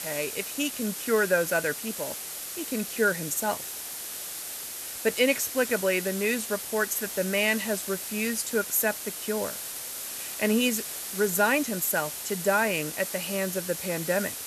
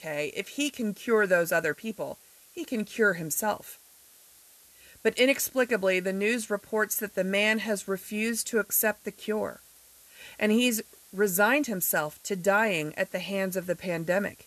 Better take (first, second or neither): second